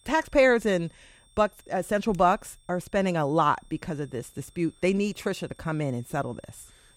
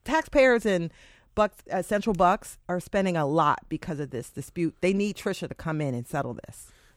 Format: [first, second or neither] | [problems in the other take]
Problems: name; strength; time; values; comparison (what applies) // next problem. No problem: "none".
second | high-pitched whine; faint; throughout; 3.5 kHz, 30 dB below the speech